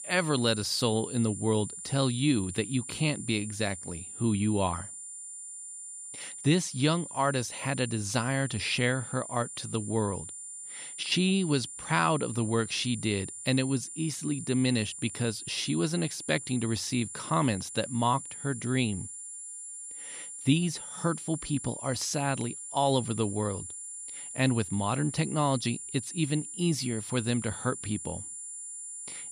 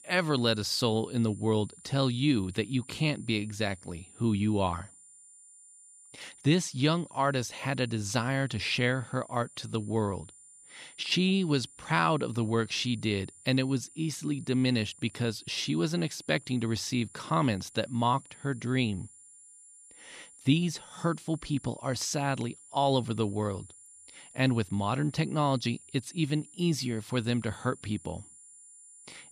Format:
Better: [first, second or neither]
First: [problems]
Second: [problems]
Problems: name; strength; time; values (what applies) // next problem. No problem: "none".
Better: second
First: high-pitched whine; loud; throughout; 9.5 kHz, 9 dB below the speech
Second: high-pitched whine; faint; throughout; 9.5 kHz, 20 dB below the speech